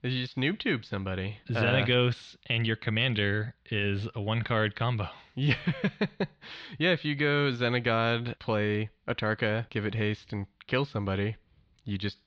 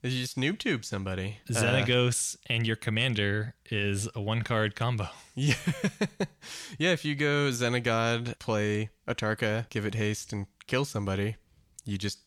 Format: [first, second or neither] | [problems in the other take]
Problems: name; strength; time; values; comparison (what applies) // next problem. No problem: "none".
second | muffled; slightly; fading above 4 kHz